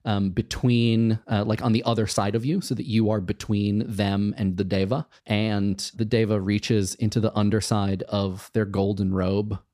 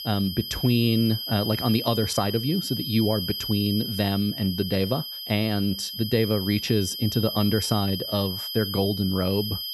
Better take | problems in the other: first | high-pitched whine; loud; throughout; 5 kHz, 5 dB below the speech

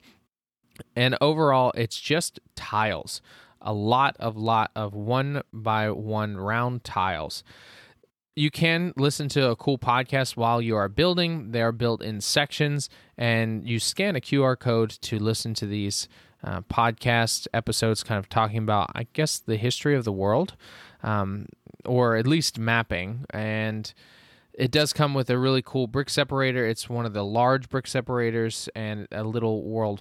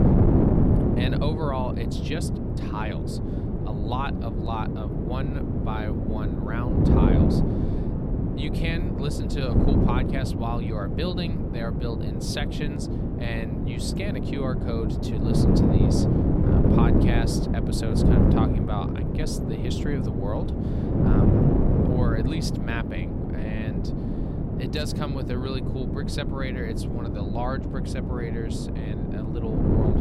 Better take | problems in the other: first | wind noise on the microphone; heavy; 2 dB above the speech

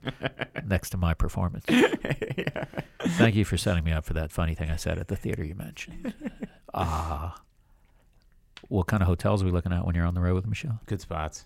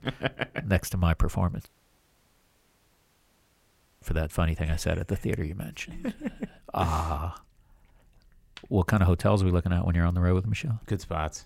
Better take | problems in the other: first | audio cutting out; at 1.5 s for 2.5 s

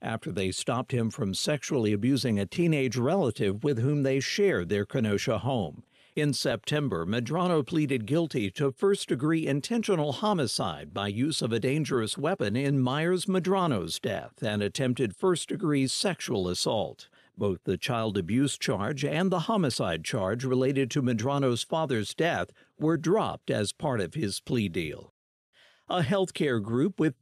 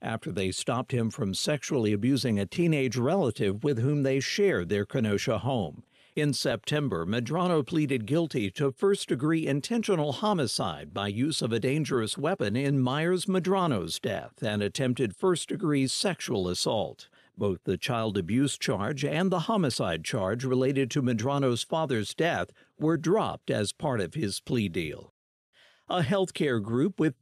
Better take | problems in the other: neither | none

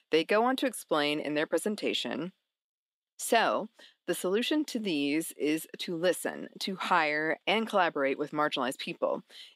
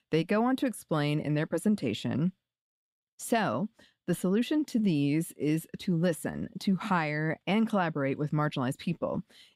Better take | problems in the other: second | thin; somewhat; fading below 350 Hz

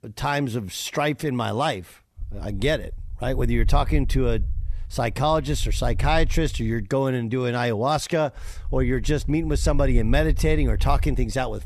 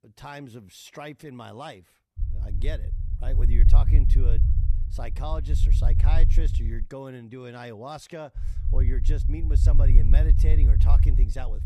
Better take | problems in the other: first | low rumble; loud; from 2 to 7 s and from 8.5 s on; 4 dB below the speech; faint in the first

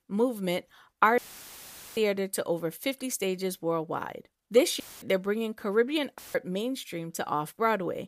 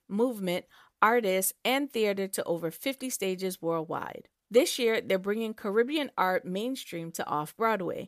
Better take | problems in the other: second | audio cutting out; filled with static; at 1 s for 1 s, at 5 s and at 6 s

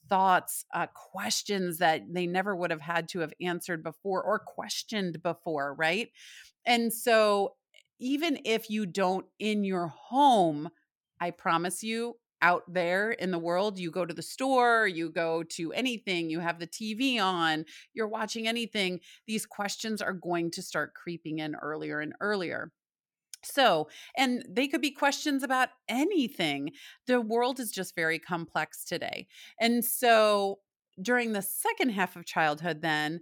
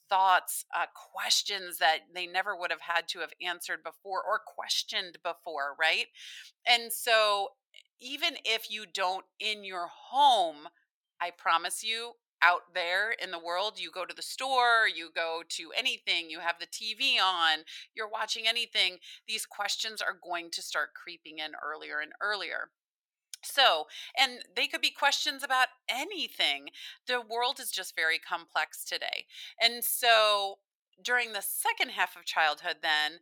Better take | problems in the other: first | thin; very; fading below 900 Hz

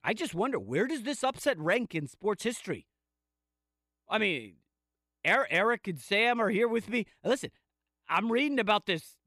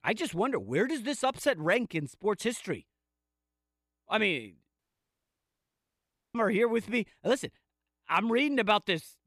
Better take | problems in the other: first | audio cutting out; at 5 s for 1.5 s

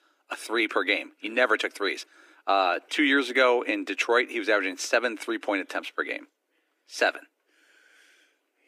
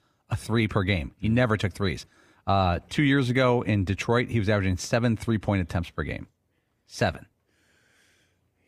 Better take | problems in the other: second | thin; somewhat; fading below 300 Hz

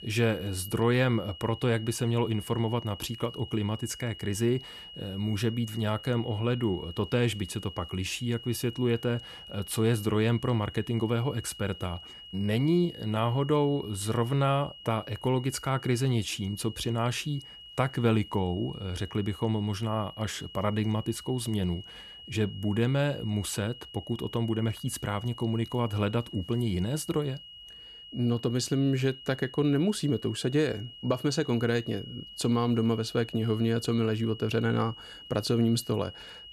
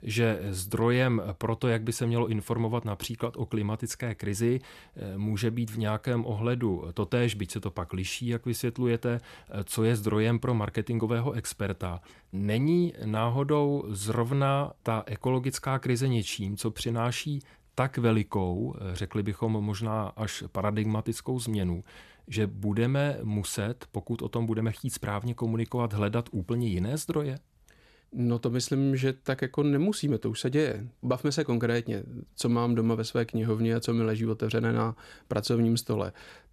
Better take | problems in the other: second | high-pitched whine; noticeable; throughout; 3 kHz, 15 dB below the speech

